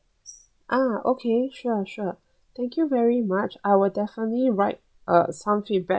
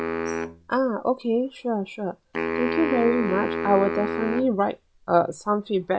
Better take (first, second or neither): first